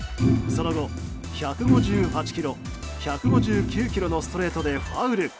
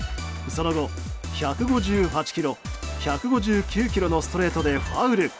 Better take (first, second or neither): second